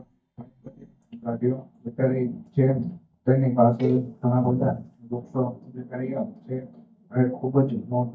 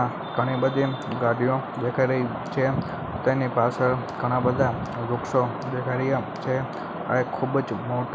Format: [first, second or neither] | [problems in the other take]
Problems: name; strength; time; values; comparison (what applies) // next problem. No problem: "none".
second | noise reduction (neural mask model DeepFilterNet 3)